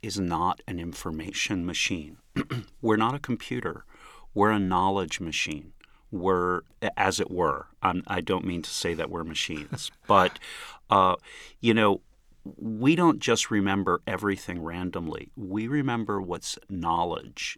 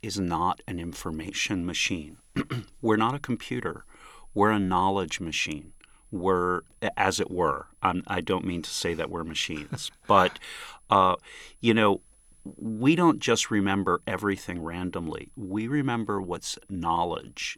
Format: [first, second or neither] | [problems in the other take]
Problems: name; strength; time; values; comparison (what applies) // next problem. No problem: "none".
first | high-pitched whine; faint; throughout; 10 kHz, 35 dB below the speech